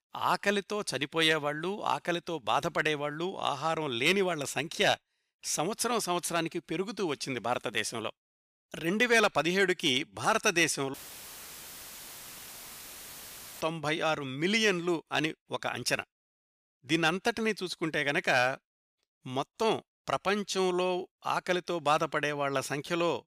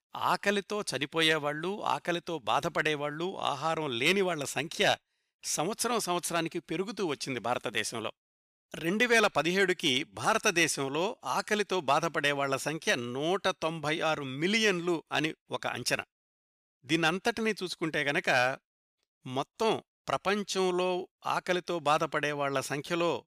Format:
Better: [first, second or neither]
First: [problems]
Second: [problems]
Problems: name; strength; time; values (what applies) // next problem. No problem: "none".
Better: second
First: audio cutting out; filled with static; at 11 s for 2.5 s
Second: none